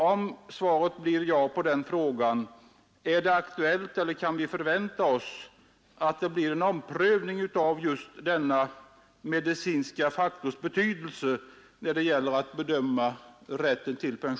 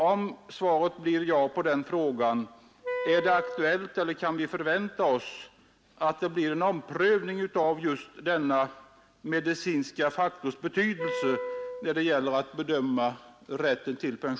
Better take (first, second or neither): first